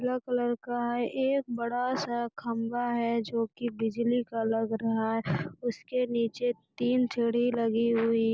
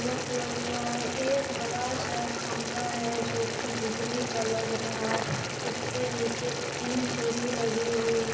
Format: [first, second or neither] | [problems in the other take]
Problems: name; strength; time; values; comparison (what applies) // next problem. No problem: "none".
first | background sound (Boiling); 1 dB below the speech // room echo; dies away in 1.2 s